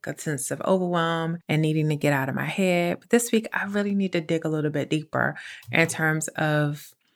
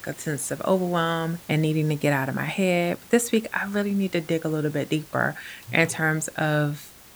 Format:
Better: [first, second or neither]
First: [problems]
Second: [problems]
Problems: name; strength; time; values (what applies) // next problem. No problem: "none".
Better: first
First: none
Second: hiss; faint; throughout; 20 dB below the speech